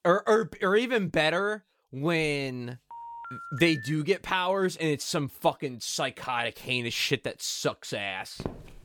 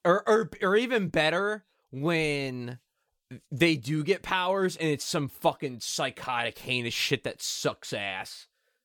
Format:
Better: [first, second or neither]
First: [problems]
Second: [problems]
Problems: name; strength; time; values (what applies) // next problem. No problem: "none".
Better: second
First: phone ringing; faint; from 3 to 4 s; peak 10 dB below the speech // footsteps; faint; at 8.5 s; peak 10 dB below the speech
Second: none